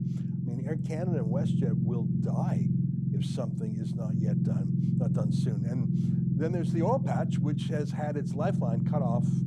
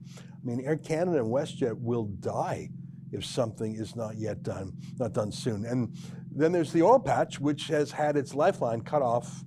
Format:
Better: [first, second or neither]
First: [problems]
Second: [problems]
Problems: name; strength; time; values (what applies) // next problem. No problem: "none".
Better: second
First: low rumble; loud; throughout; 1 dB below the speech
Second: low rumble; faint; throughout; 25 dB below the speech